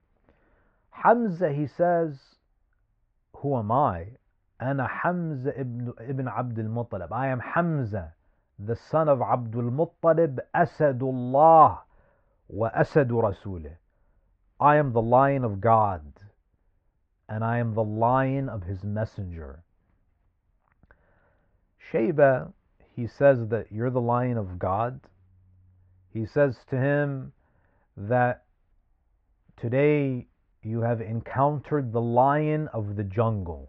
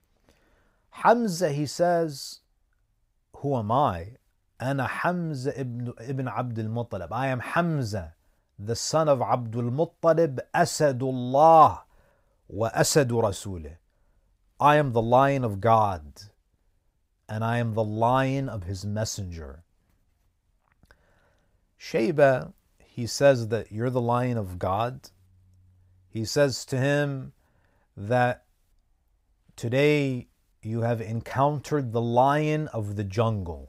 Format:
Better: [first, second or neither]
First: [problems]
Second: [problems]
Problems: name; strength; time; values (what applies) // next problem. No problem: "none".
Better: second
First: muffled; very; fading above 2 kHz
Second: none